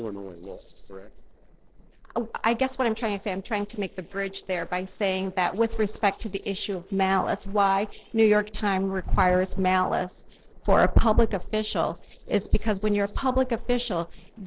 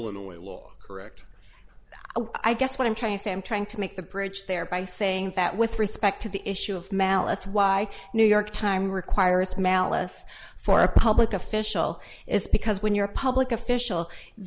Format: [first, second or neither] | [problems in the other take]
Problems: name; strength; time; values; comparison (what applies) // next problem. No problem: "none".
second | noise reduction (neural separator model SepFormer DNS4)